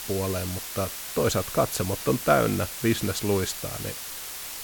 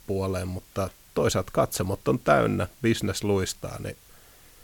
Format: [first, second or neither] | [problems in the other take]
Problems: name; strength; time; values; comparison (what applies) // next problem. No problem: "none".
second | hiss; loud; throughout; 7 dB below the speech; faint in the second